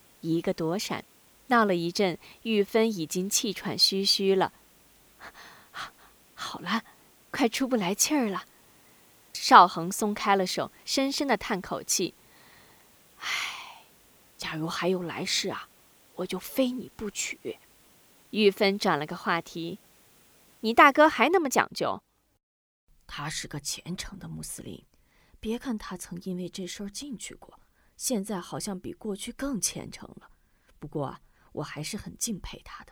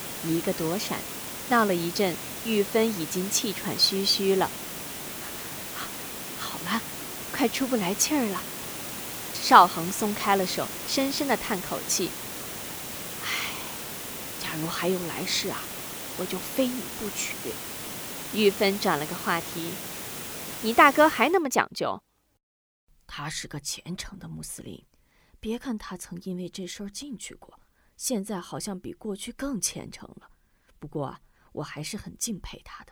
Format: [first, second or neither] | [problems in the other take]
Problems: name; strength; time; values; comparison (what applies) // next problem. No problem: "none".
first | hiss; loud; until 21 s; 7 dB below the speech; faint in the first